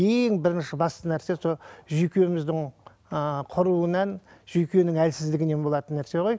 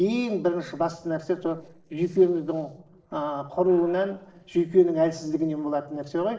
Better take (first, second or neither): first